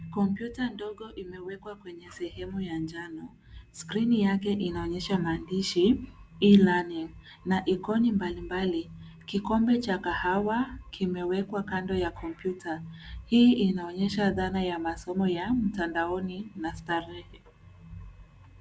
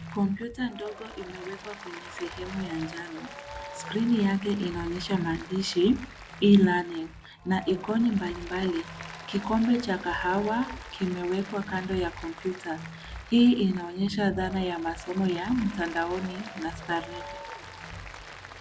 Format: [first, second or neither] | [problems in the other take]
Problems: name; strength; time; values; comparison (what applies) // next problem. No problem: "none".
first | background sound (Applause); 16 dB below the speech